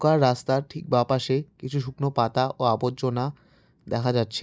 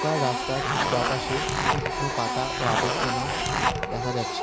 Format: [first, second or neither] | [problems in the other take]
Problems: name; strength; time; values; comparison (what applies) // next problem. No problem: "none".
first | background sound (Printer + Zipper (clothing)); 4 dB above the speech